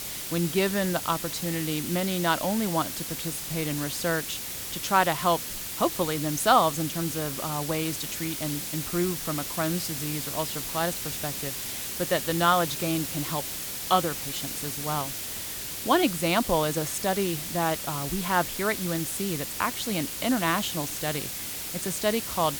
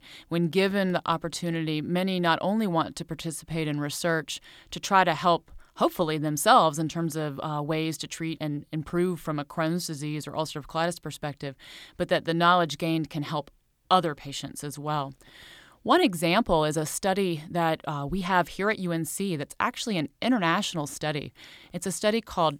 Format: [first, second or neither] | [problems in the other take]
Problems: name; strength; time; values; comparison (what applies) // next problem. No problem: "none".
second | hiss; loud; throughout; 3 dB below the speech